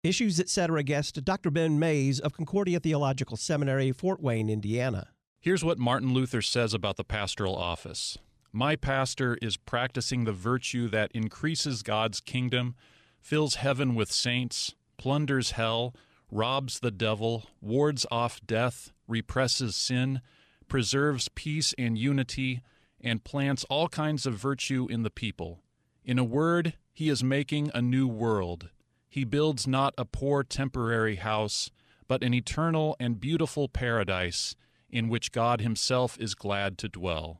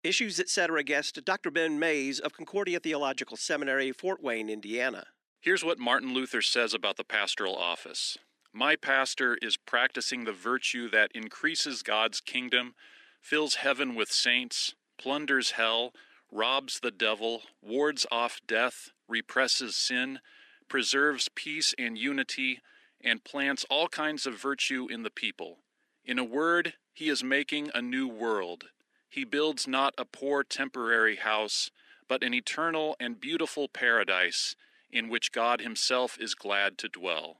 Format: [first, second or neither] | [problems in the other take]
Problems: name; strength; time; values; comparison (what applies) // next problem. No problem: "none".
first | thin; somewhat; fading below 250 Hz